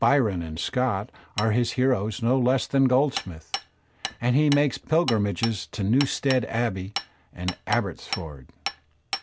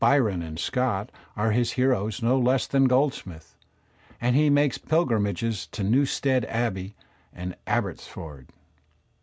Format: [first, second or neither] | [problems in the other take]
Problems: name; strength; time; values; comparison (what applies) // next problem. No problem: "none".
second | background sound (Hammer); 13 dB below the speech